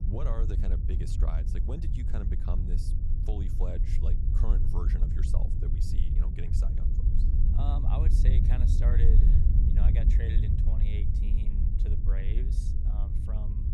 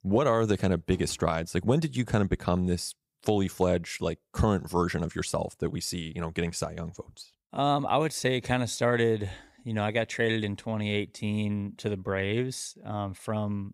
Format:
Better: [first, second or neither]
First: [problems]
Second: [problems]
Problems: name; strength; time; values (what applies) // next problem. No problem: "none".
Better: second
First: low rumble; loud; throughout; as loud as the speech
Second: none